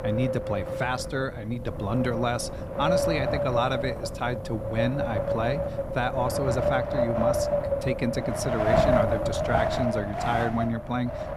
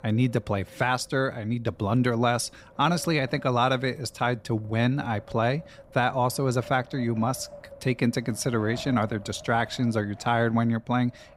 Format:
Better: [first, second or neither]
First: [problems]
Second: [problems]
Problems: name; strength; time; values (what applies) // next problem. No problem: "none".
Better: second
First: wind noise on the microphone; heavy; 3 dB above the speech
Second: wind noise on the microphone; occasional gusts; 20 dB below the speech